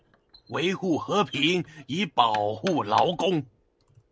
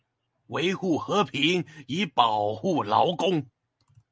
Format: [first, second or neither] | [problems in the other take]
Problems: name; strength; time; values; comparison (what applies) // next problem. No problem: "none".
second | background sound (Knock); 20 dB below the speech